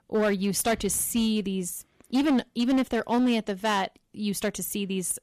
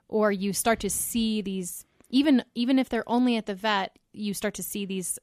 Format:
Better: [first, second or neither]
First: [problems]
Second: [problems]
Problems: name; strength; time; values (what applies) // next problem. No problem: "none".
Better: second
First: distortion; slight; 9% of the sound clipped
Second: none